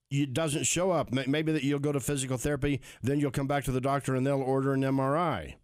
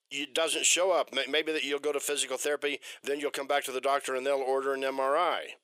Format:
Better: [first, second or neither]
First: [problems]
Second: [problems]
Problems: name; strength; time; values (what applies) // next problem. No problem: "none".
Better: first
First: none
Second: thin; very; fading below 450 Hz